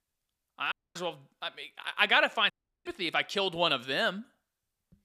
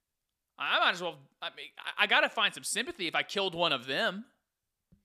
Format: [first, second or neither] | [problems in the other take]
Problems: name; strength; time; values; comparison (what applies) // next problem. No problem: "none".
second | audio cutting out; at 0.5 s and at 2.5 s